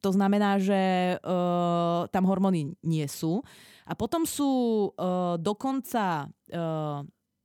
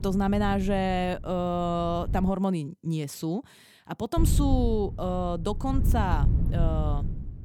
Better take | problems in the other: first | wind noise on the microphone; occasional gusts; until 2.5 s and from 4 s on; 15 dB below the speech

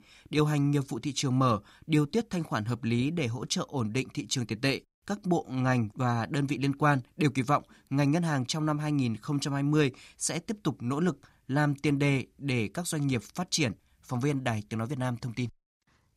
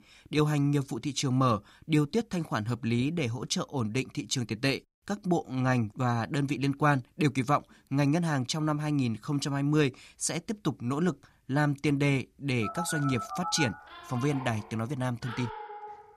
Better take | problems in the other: first | phone ringing; noticeable; from 13 s on; peak 5 dB below the speech

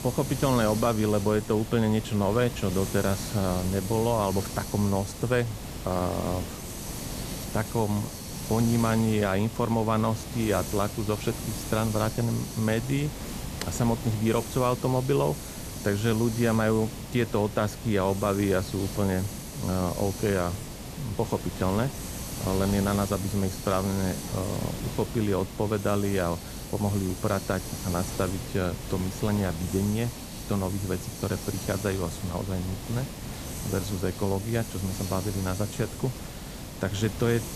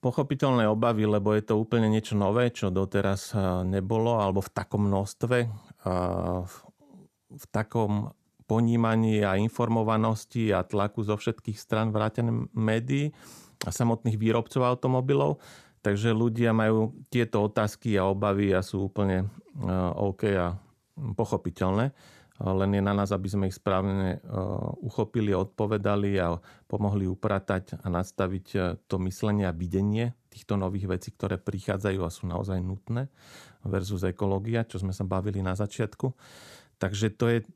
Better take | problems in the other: second | hiss; loud; throughout; 8 dB below the speech

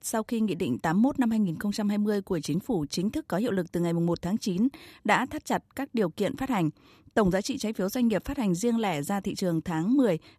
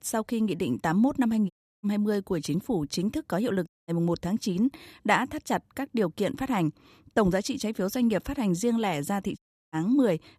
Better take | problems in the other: first | audio cutting out; at 1.5 s, at 3.5 s and at 9.5 s

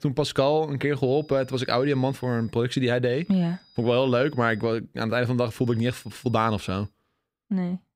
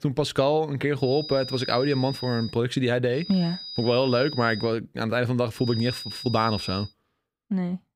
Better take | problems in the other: first | high-pitched whine; loud; from 1 to 2.5 s, from 3 to 4.5 s and from 5.5 to 7 s; 5 kHz, 10 dB below the speech; faint in the first

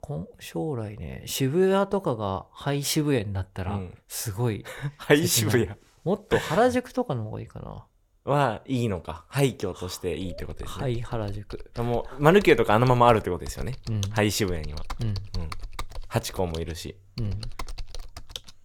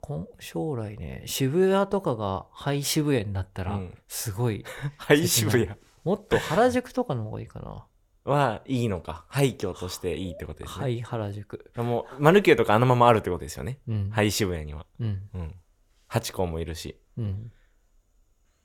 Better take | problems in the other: second | keyboard typing; faint; from 10 s on; peak 10 dB below the speech

